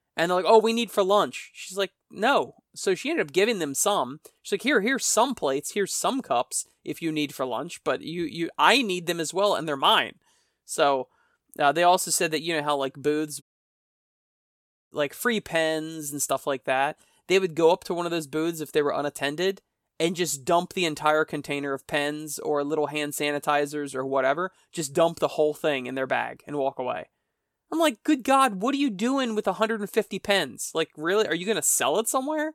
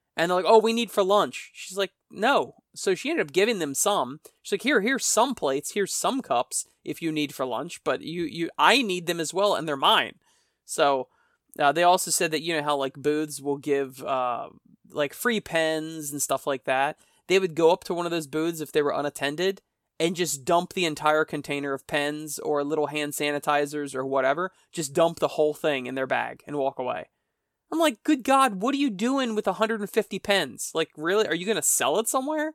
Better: second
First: audio cutting out; at 13 s for 1.5 s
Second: none

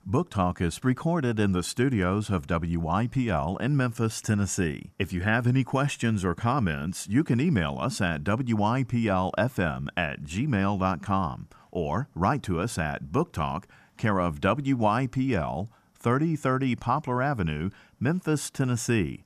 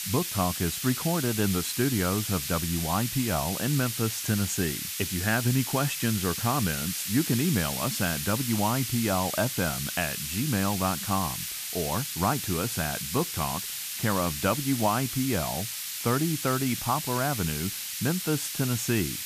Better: first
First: none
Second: hiss; loud; throughout; 2 dB below the speech

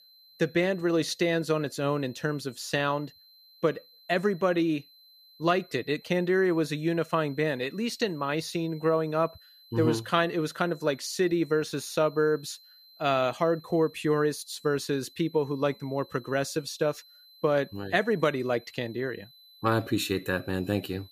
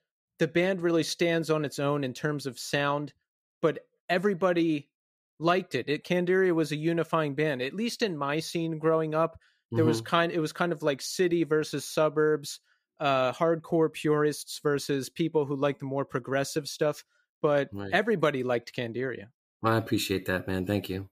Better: second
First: high-pitched whine; faint; throughout; 4 kHz, 25 dB below the speech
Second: none

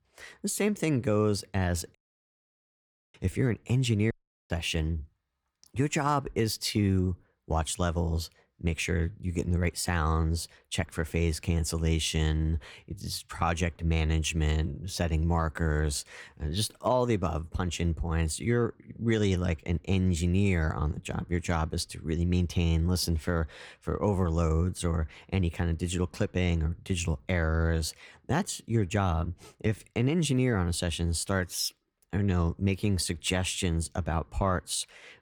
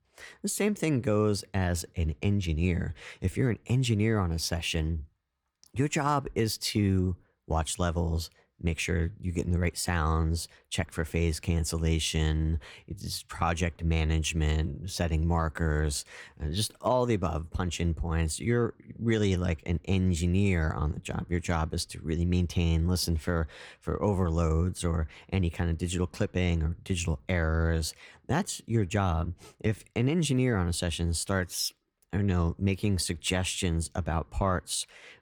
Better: second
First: audio cutting out; at 2 s for 1 s and at 4 s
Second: none

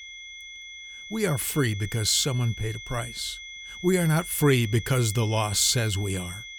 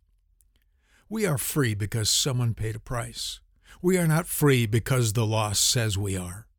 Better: second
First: high-pitched whine; noticeable; throughout; 2 kHz, 15 dB below the speech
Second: none

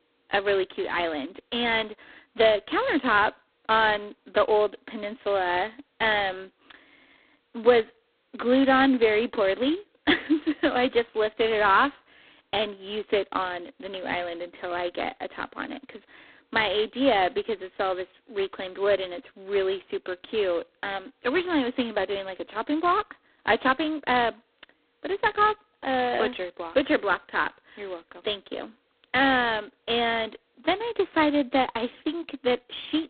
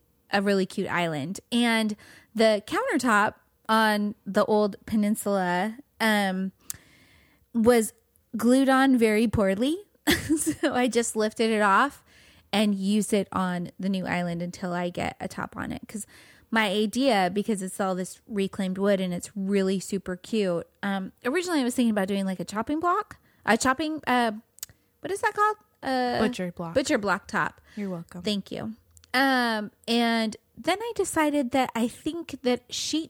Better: second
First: phone-call audio; poor line; nothing above 4 kHz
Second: none

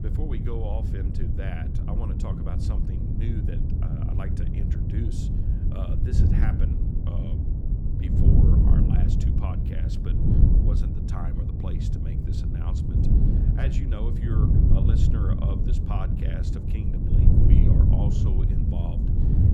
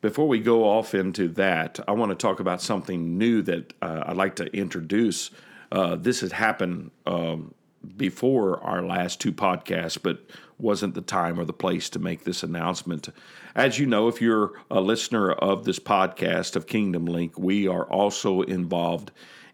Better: second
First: wind noise on the microphone; heavy; 4 dB above the speech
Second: none

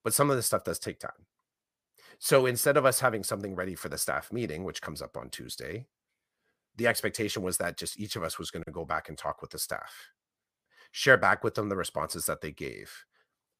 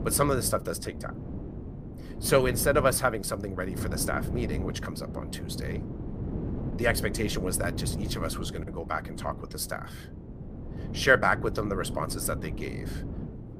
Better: first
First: none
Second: wind noise on the microphone; occasional gusts; 15 dB below the speech

